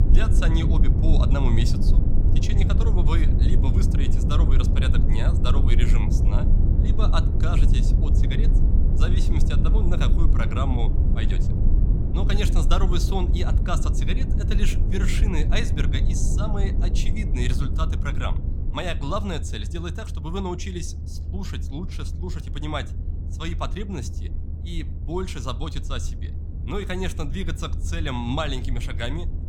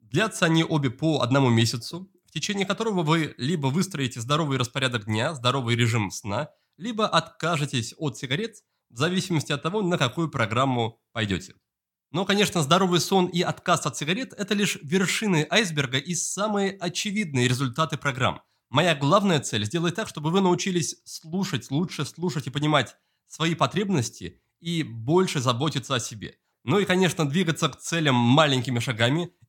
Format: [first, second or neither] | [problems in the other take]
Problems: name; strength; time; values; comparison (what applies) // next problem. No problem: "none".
second | low rumble; loud; throughout; 6 dB below the speech